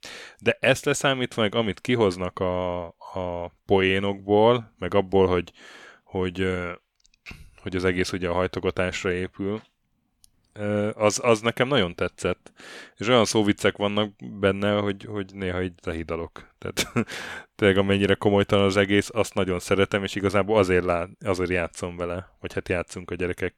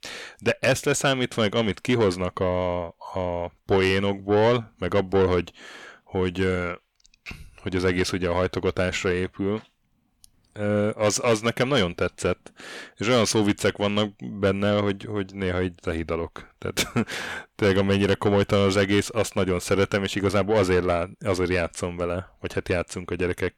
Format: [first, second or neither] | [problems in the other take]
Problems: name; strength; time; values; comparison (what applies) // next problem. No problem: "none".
first | distortion; slight; 10 dB below the speech